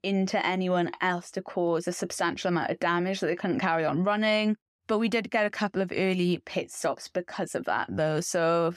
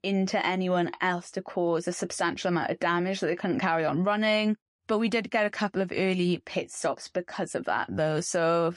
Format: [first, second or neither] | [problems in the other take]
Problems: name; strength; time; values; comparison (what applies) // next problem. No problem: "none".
first | garbled, watery; slightly; nothing above 9 kHz